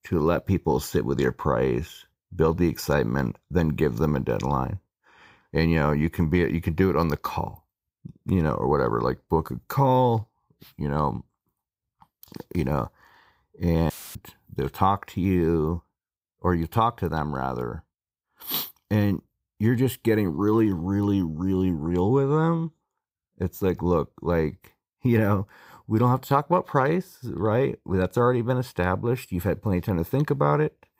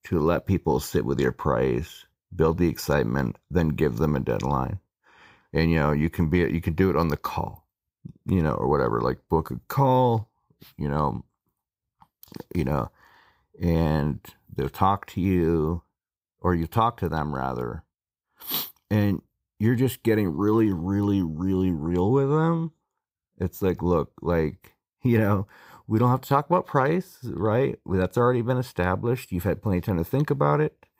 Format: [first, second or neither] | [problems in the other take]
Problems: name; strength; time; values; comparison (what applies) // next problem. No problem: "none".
second | audio cutting out; filled with static; at 14 s